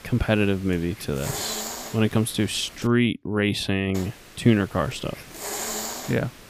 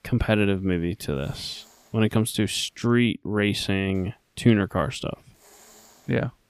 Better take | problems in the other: second | hiss; loud; until 3 s and from 4 s on; 9 dB below the speech; faint in the second

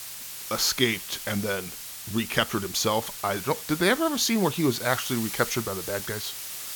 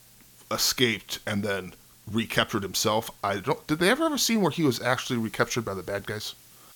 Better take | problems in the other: second | hiss; loud; throughout; 8 dB below the speech; faint in the second

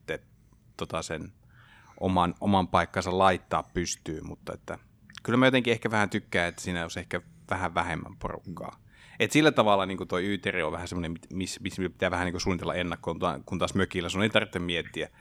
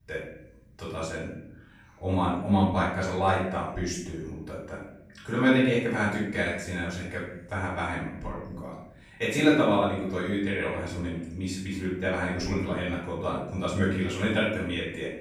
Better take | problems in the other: first | room echo; noticeable; dies away in 0.7 s // off-mic speech; far

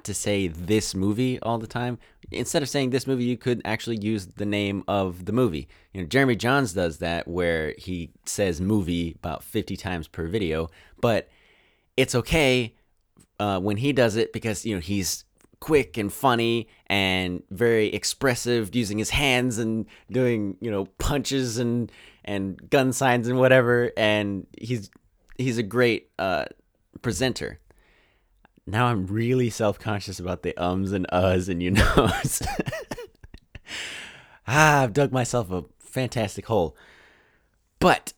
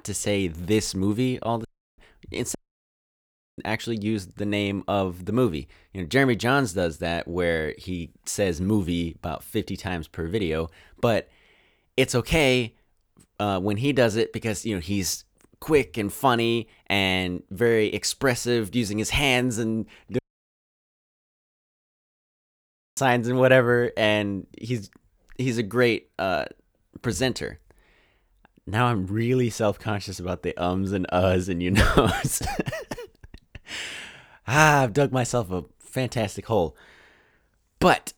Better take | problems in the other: first | audio cutting out; at 1.5 s, at 2.5 s for 1 s and at 20 s for 3 s

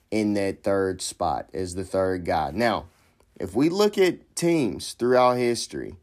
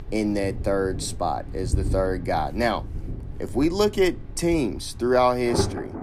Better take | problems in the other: first | rain or running water; loud; throughout; 9 dB below the speech

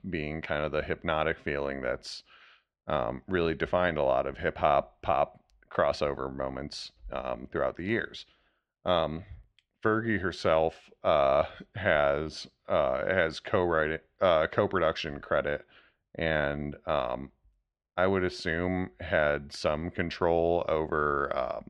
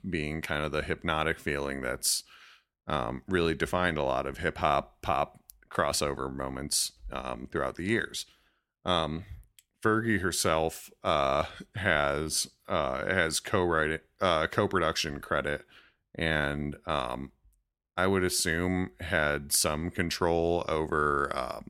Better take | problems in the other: second | muffled; slightly; fading above 3.5 kHz

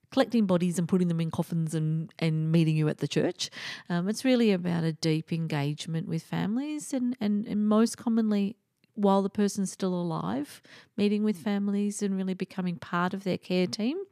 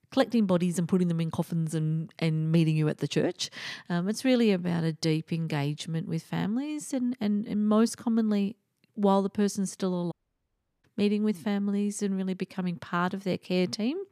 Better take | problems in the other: first | audio cutting out; at 10 s for 0.5 s

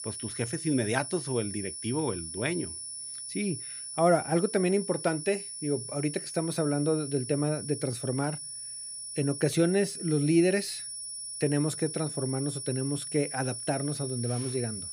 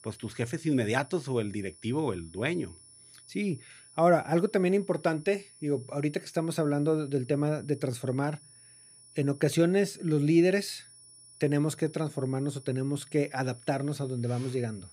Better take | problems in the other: second | high-pitched whine; loud; throughout; 10 kHz, 6 dB below the speech; faint in the second

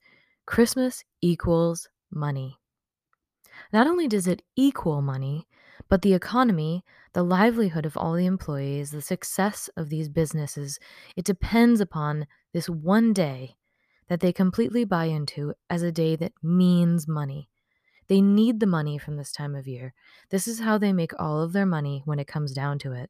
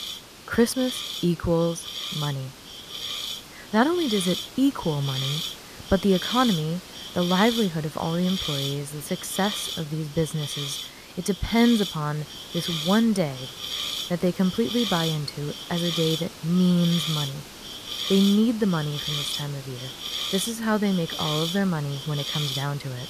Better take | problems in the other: first | hiss; loud; throughout; 5 dB below the speech

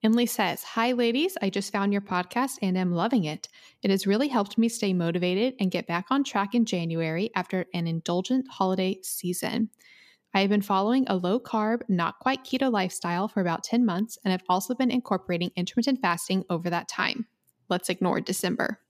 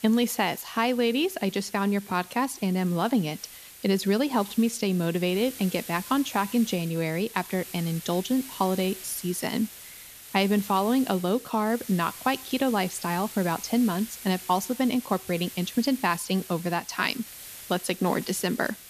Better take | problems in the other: first | hiss; noticeable; throughout; 15 dB below the speech

